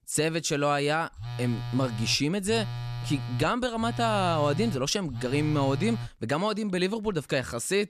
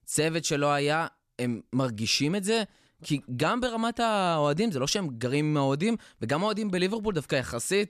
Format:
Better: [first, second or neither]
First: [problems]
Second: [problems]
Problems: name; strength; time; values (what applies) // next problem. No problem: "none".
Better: second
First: phone ringing; noticeable; from 1 to 6 s; peak 7 dB below the speech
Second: none